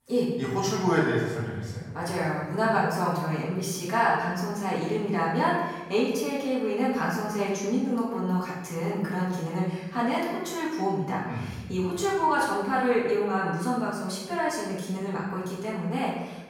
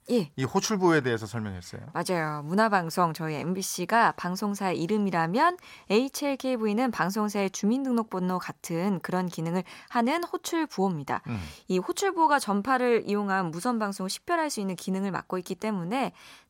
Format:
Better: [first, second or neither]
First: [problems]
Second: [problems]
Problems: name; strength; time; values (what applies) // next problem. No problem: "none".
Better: second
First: off-mic speech; far // room echo; noticeable; dies away in 1.3 s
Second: none